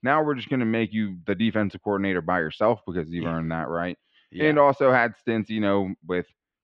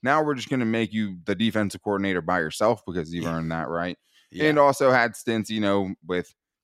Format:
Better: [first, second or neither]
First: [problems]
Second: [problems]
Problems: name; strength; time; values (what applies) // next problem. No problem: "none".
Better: second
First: muffled; very; fading above 3 kHz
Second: none